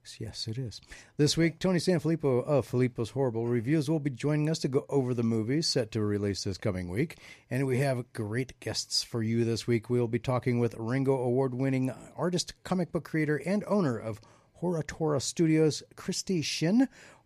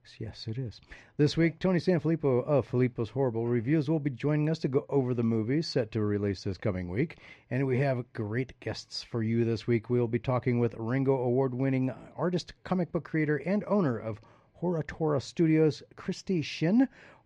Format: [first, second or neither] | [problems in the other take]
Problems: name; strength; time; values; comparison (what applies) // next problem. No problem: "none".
first | muffled; slightly; fading above 3 kHz